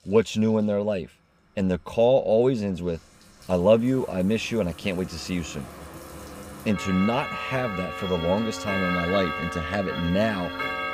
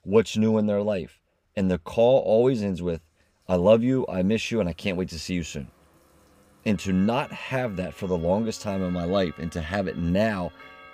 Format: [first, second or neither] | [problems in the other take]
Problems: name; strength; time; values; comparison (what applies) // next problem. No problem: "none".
second | household noises; loud; throughout; 7 dB below the speech; faint in the second